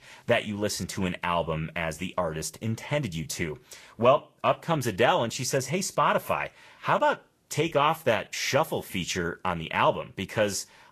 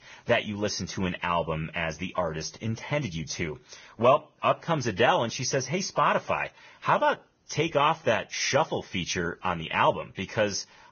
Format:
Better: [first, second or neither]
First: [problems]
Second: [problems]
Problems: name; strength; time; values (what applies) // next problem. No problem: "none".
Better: first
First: garbled, watery; slightly; nothing above 13 kHz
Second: garbled, watery; badly; nothing above 6.5 kHz